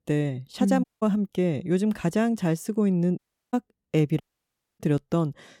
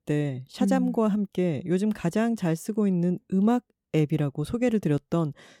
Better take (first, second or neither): second